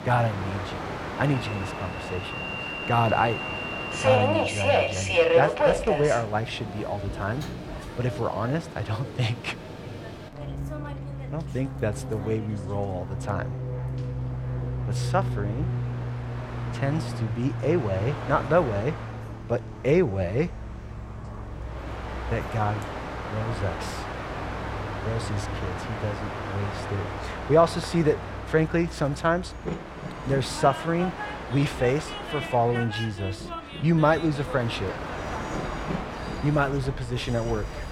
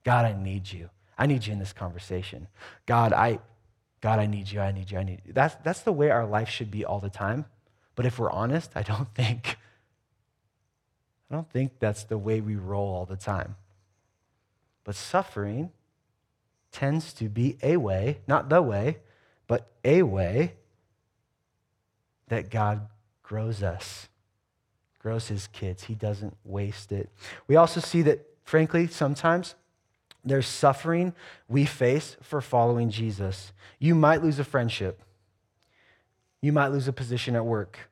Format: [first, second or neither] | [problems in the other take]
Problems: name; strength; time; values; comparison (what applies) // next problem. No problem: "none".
second | train or aircraft noise; loud; throughout; 4 dB below the speech